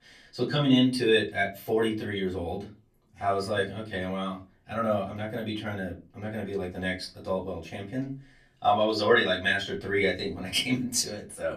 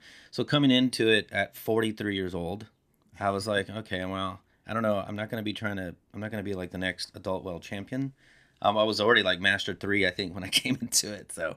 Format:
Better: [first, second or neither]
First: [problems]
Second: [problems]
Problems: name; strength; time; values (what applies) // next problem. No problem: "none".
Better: second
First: off-mic speech; far // room echo; very slight; dies away in 0.3 s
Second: none